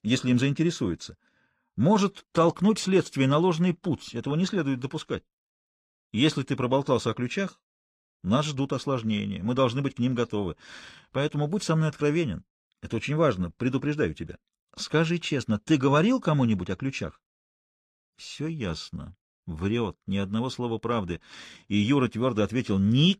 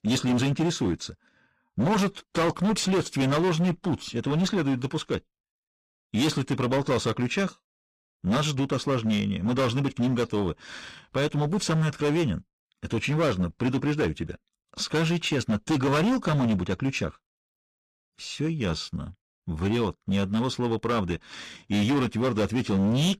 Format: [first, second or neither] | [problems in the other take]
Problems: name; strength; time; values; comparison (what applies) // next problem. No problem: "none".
first | distortion; heavy; 15% of the sound clipped